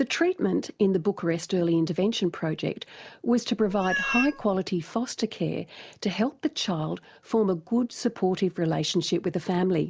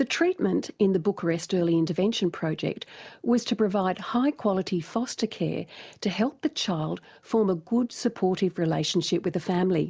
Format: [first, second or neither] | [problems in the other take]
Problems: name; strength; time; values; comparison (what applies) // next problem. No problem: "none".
second | background sound (Meow); 5 dB below the speech